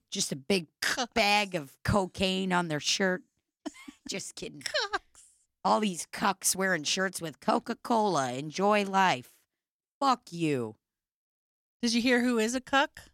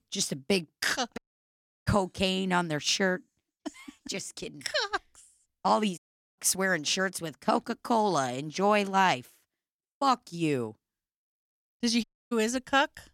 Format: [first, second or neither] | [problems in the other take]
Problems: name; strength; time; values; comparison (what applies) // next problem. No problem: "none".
first | audio cutting out; at 1 s for 0.5 s, at 6 s and at 12 s